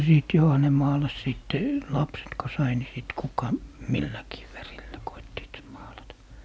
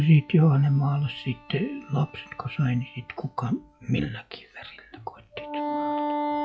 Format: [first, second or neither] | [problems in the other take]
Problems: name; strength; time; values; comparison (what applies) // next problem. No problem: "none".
first | noise reduction (classical method log-MMSE)